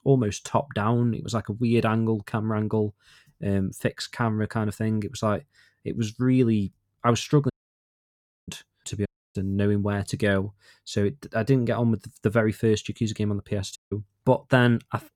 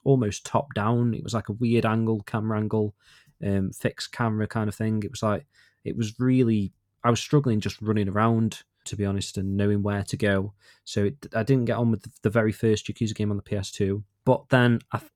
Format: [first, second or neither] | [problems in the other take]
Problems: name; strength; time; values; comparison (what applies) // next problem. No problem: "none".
second | audio cutting out; at 7.5 s for 1 s, at 9 s and at 14 s